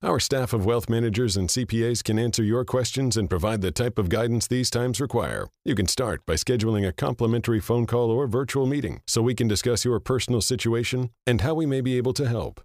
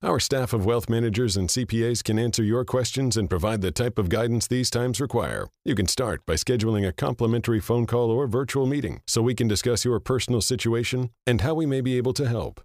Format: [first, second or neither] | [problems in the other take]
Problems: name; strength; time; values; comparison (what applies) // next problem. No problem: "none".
neither | none